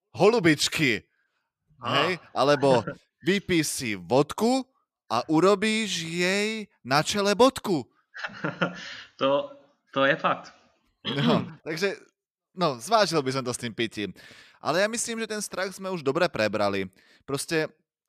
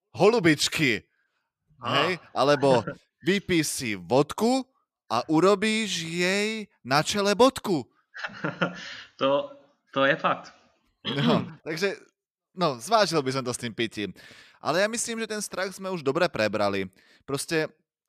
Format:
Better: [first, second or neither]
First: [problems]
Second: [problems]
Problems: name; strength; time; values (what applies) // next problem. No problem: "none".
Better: neither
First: none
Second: none